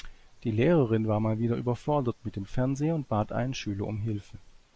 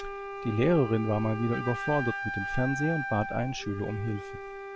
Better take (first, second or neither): first